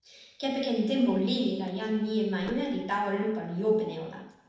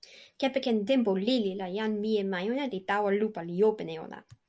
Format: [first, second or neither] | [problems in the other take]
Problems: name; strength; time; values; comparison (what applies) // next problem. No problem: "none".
second | noise reduction (neural separator model SepFormer DNS4)